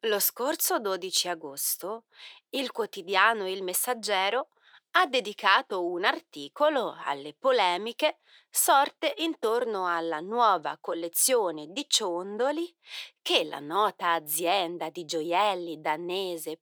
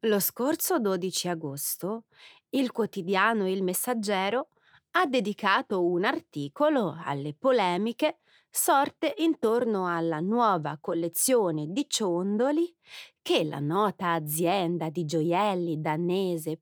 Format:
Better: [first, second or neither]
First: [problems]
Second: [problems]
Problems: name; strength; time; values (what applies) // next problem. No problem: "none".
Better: second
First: thin; somewhat; fading below 500 Hz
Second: none